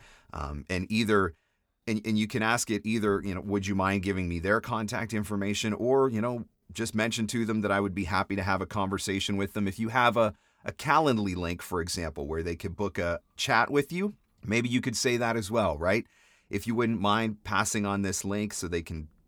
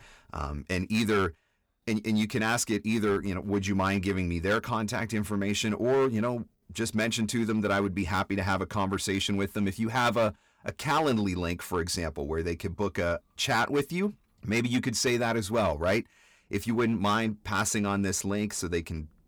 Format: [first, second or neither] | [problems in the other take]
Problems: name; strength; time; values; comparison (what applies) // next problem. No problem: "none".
first | distortion; slight; 5% of the sound clipped